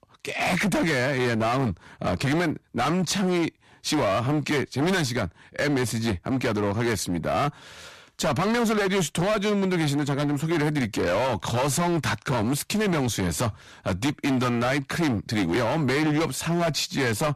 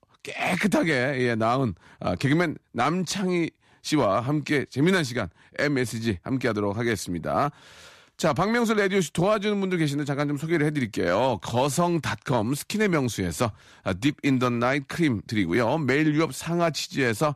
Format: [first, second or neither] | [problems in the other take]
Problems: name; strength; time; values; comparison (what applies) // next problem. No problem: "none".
second | distortion; heavy; 23% of the sound clipped